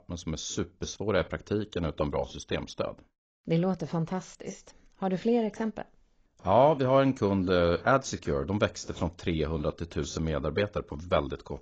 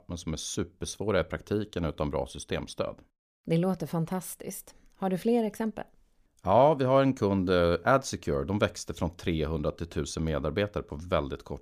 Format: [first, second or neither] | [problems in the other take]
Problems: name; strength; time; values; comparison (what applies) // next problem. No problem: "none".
second | garbled, watery; badly